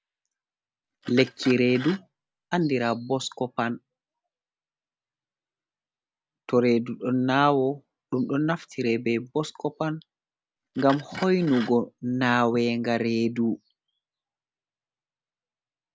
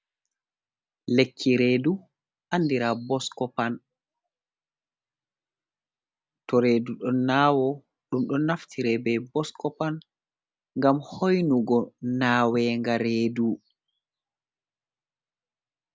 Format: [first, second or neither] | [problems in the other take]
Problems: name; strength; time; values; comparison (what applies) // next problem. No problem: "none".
second | background sound (Glass); 16 dB below the speech